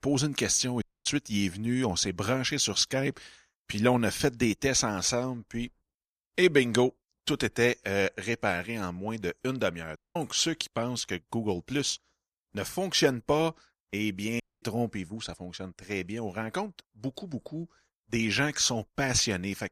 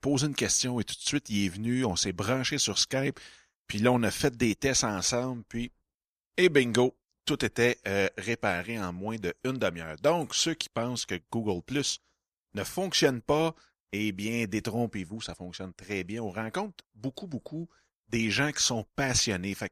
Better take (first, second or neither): second